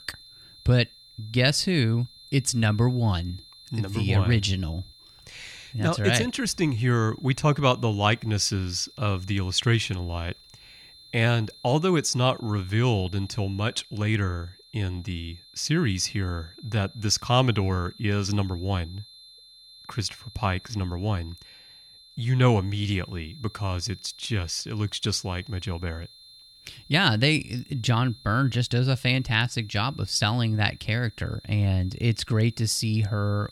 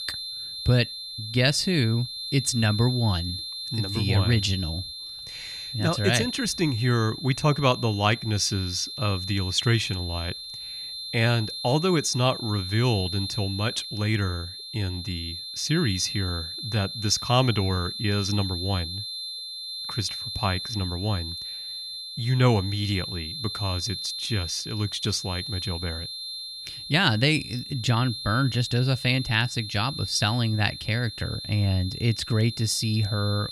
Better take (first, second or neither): first